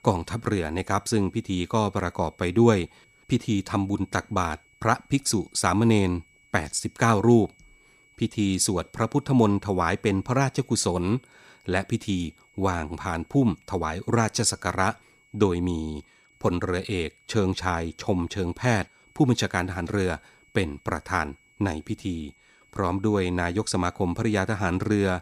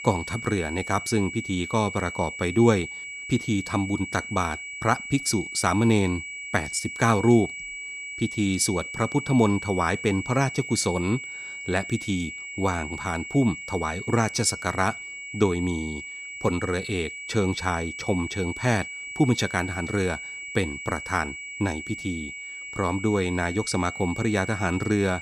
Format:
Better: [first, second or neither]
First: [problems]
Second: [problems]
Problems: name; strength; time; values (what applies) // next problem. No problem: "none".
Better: first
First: high-pitched whine; faint; throughout; 2.5 kHz, 30 dB below the speech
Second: high-pitched whine; loud; throughout; 2.5 kHz, 8 dB below the speech